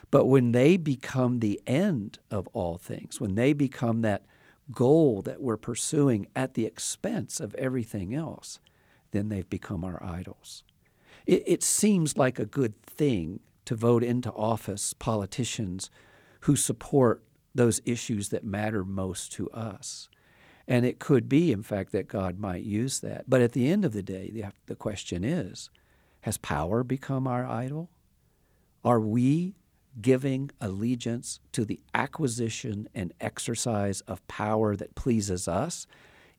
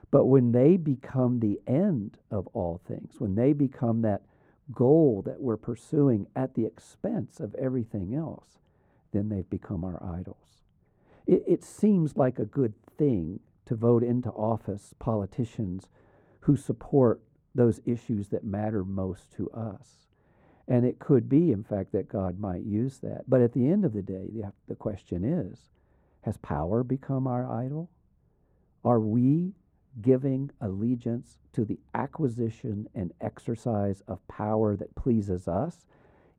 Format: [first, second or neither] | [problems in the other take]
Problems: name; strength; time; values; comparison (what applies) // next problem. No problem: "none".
first | muffled; very; fading above 1.5 kHz